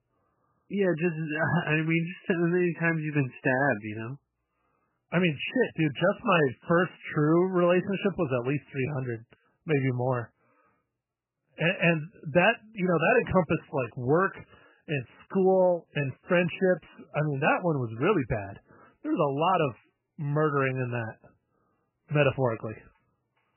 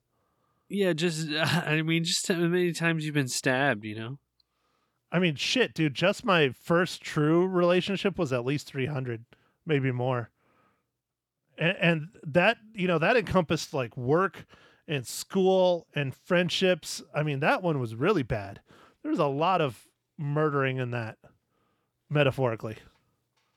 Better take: second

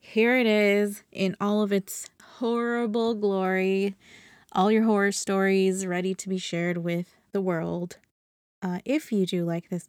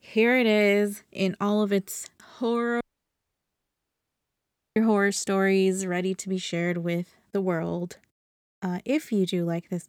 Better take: first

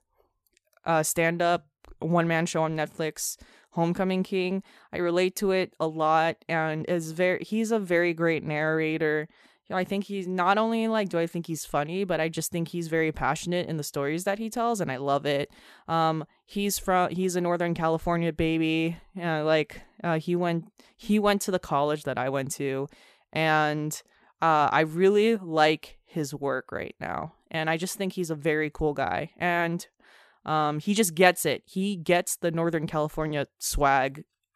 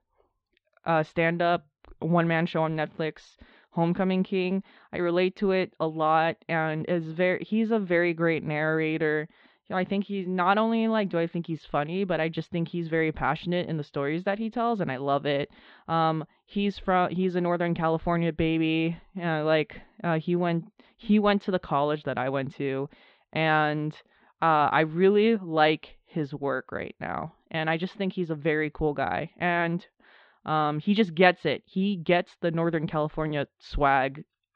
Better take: first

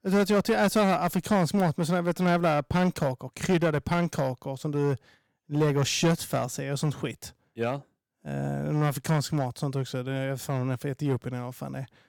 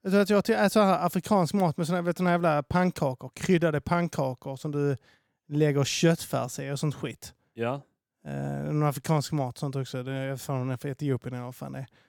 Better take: second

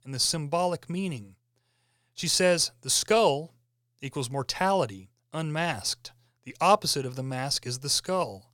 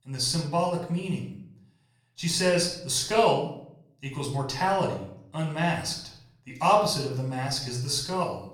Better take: first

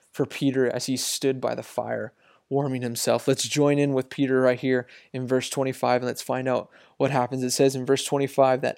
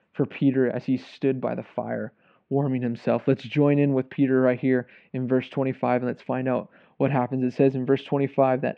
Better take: first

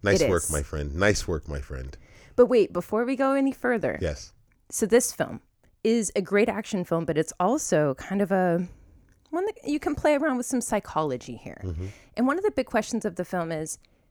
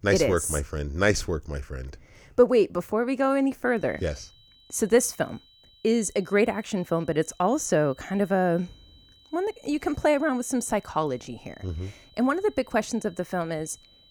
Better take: first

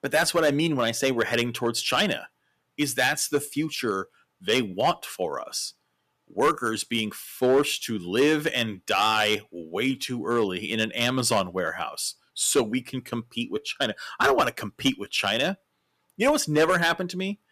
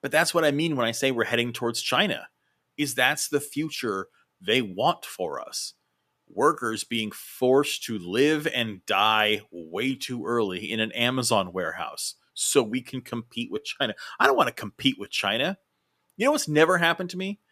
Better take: second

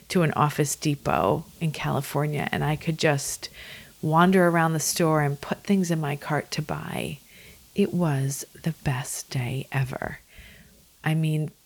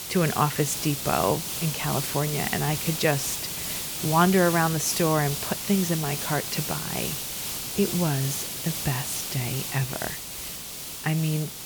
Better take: first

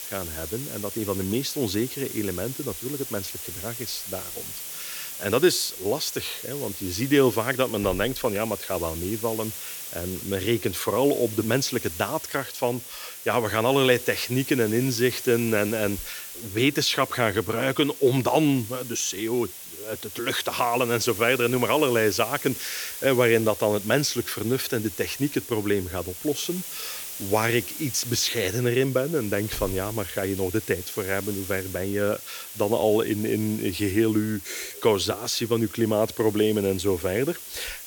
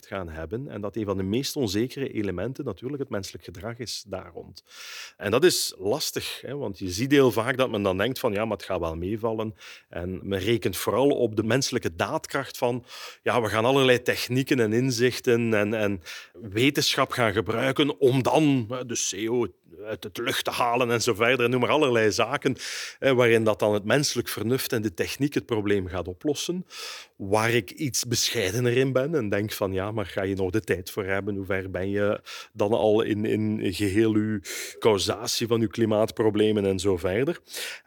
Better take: second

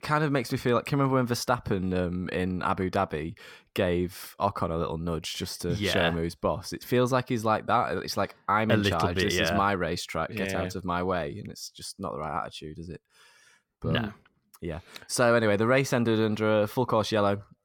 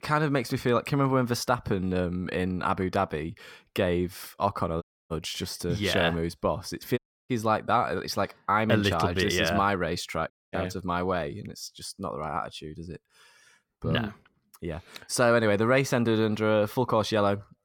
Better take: first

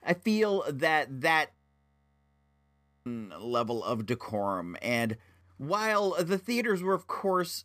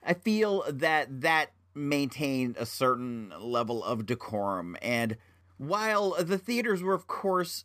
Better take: second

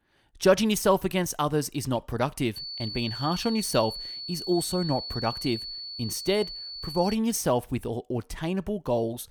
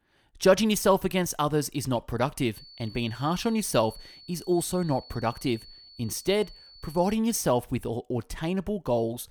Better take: second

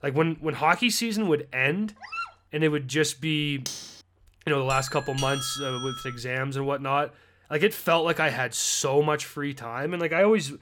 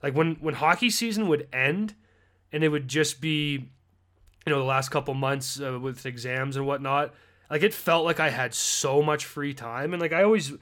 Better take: second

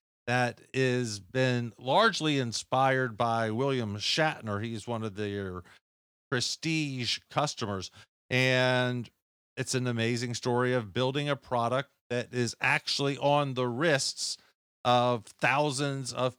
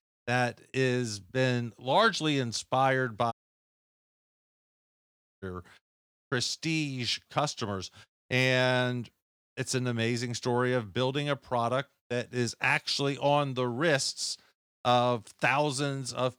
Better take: first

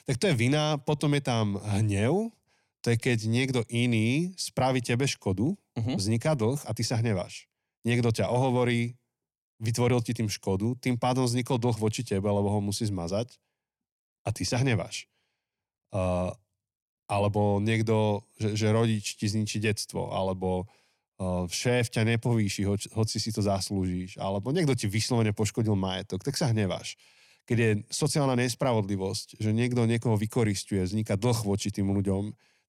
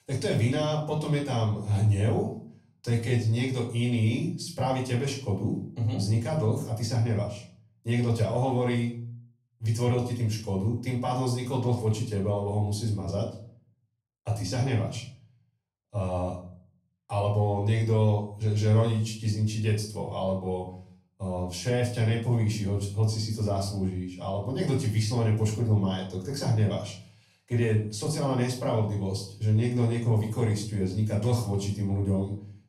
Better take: first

